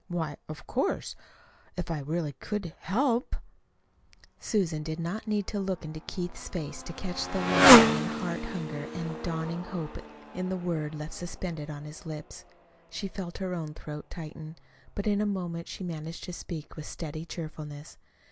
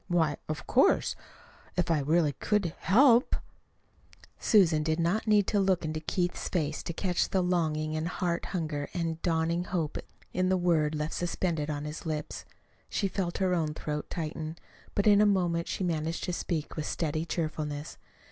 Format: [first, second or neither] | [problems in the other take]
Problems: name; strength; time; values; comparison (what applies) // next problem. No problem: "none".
second | background sound (Motorcycle); as loud as the speech